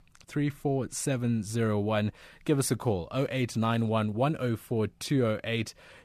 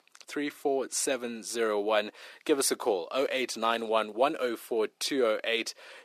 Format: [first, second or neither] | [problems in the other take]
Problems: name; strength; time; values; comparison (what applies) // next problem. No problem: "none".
first | thin; somewhat; fading below 350 Hz